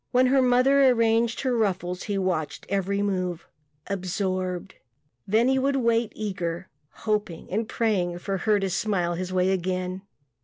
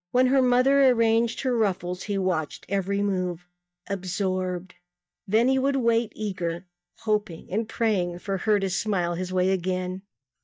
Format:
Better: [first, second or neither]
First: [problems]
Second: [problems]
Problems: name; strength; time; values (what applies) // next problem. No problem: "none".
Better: first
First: none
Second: noise reduction (neural mask model DeepFilterNet 3)